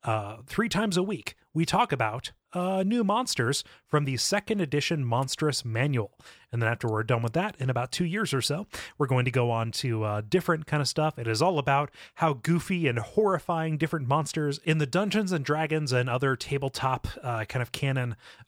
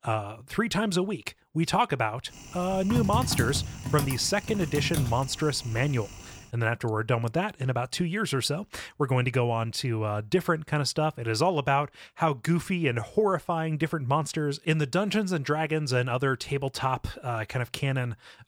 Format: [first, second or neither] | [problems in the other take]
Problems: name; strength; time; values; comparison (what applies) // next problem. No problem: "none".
first | keyboard typing; noticeable; from 2.5 to 6 s; peak 1 dB below the speech